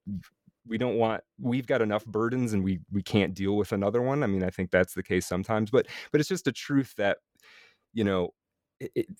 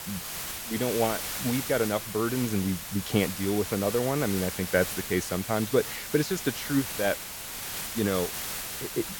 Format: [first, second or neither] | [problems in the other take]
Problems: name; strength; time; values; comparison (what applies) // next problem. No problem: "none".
first | hiss; loud; throughout; 5 dB below the speech